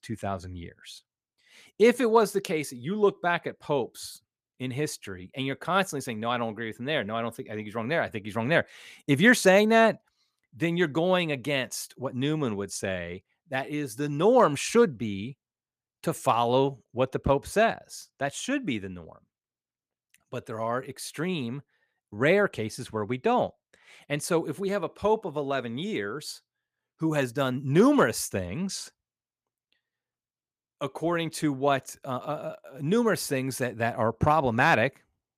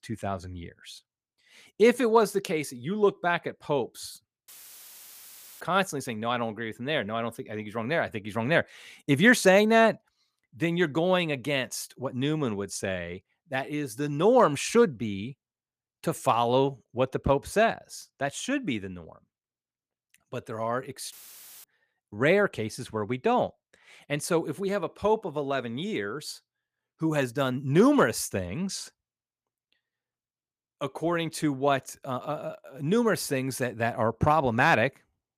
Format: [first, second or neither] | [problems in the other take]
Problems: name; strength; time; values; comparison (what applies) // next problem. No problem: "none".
first | audio cutting out; filled with static; at 4.5 s for 1 s and at 21 s for 0.5 s